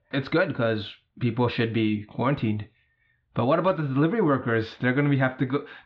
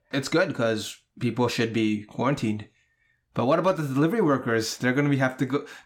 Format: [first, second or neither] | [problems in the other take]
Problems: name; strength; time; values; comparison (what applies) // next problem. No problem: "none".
second | muffled; slightly; fading above 3.5 kHz